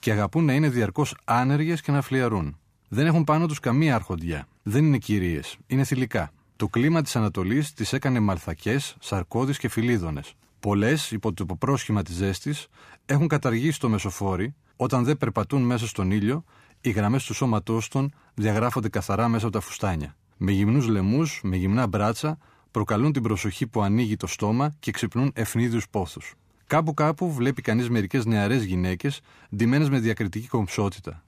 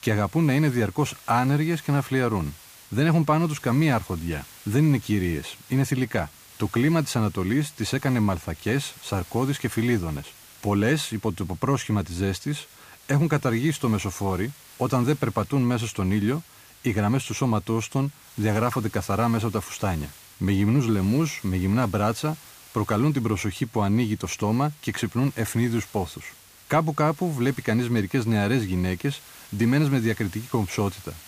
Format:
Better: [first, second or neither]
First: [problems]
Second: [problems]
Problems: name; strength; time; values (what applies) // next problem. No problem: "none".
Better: first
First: none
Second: hiss; faint; throughout; 20 dB below the speech